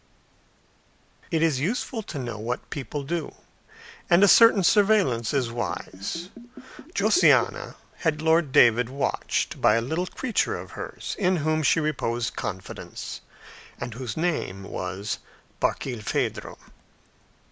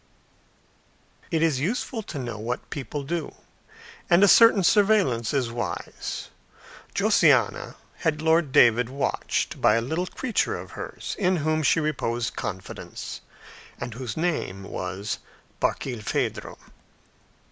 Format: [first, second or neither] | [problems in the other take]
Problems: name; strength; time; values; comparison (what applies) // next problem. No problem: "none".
second | background sound (Bathtub (filling or washing)); 15 dB below the speech